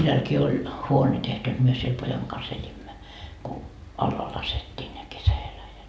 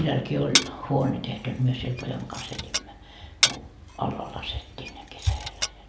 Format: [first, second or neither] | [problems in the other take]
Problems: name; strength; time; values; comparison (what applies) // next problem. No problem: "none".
first | background sound (Glass); 2 dB below the speech